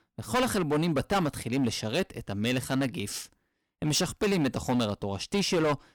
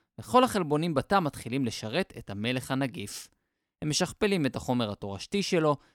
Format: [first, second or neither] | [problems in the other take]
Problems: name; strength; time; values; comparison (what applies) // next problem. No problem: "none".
second | distortion; heavy; 10% of the sound clipped